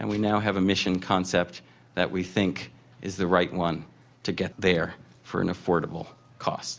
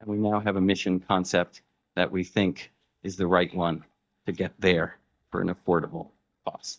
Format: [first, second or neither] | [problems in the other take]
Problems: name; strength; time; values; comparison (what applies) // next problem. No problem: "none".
first | noise reduction (neural mask model DeepFilterNet 3)